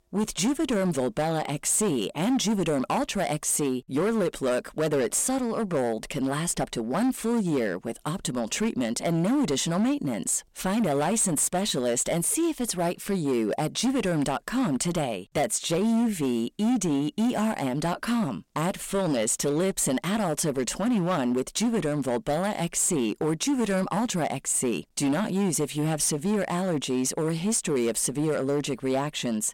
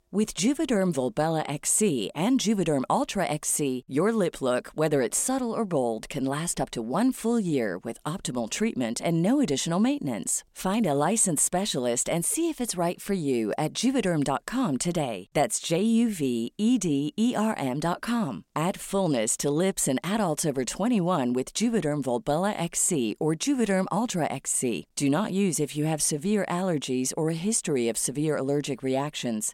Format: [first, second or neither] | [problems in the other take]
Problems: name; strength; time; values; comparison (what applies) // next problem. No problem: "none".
second | distortion; slight; 12% of the sound clipped